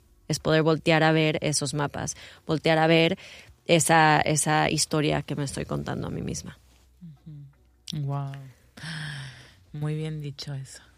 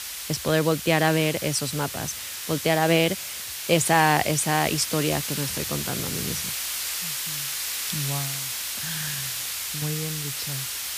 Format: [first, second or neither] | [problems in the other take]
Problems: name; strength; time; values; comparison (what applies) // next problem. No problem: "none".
first | hiss; loud; throughout; 4 dB below the speech